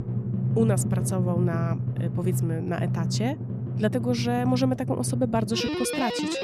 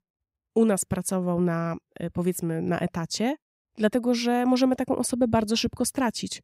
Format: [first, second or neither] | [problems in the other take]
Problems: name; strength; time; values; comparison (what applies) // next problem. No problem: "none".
second | background music; loud; throughout; as loud as the speech